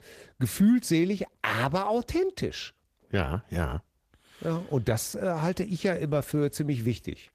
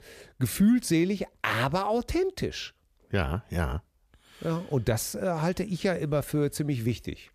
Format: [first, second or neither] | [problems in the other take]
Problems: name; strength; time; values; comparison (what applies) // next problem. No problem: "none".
second | garbled, watery; slightly; nothing above 14.5 kHz